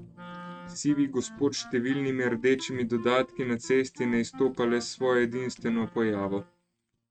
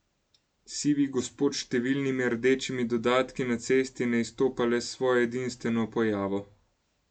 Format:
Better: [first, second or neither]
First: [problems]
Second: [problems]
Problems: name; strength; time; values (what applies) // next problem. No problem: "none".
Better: second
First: noise reduction (neural mask model RNNoise)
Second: none